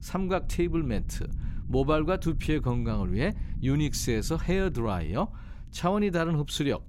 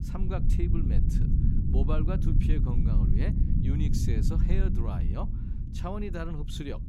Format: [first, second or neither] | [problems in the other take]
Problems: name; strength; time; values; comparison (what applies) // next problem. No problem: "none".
first | low rumble; loud; throughout; 1 dB below the speech; faint in the first